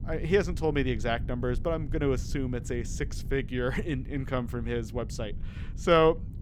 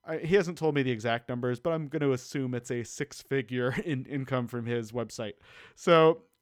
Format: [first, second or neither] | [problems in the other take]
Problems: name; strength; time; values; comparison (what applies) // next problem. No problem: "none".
second | low rumble; faint; throughout; 20 dB below the speech